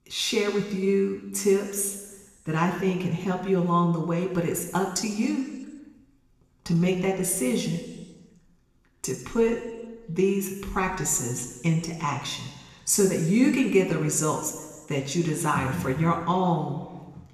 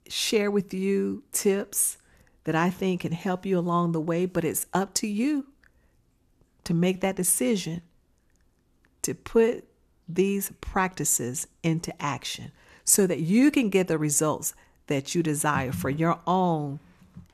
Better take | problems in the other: second | room echo; noticeable; dies away in 1.3 s // off-mic speech; somewhat distant

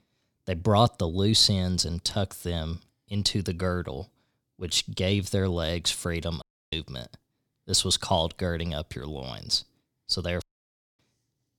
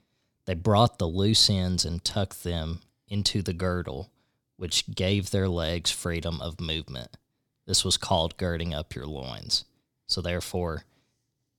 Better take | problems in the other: second | audio cutting out; at 6.5 s and at 10 s for 0.5 s

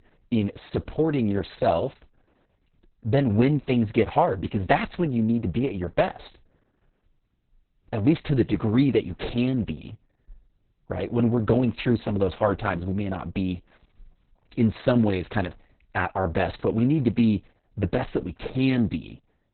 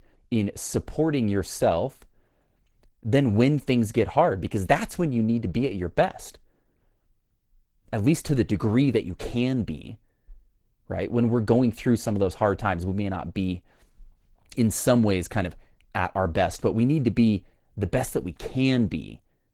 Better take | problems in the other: second | garbled, watery; badly; nothing above 4 kHz; slightly in the second

